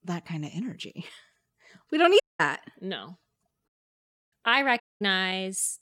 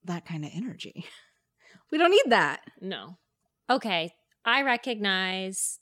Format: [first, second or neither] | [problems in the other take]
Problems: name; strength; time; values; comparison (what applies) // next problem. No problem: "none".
second | audio cutting out; at 2 s, at 3.5 s for 0.5 s and at 5 s